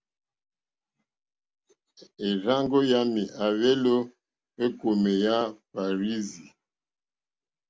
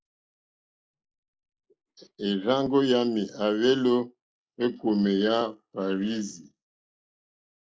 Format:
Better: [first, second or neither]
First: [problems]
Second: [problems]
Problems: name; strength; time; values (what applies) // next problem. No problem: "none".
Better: first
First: none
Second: noise reduction (neural mask model Resemble Enhance denoiser)